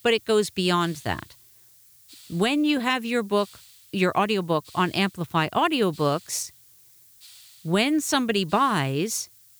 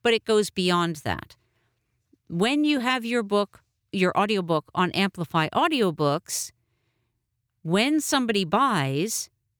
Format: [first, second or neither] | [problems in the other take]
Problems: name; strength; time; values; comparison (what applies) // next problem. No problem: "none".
second | hiss; faint; throughout; 25 dB below the speech